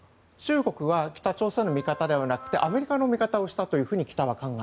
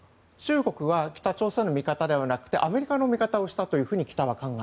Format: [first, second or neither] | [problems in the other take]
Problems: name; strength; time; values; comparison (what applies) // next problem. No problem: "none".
second | background sound (Wind instrument, woodwind instrument); 18 dB below the speech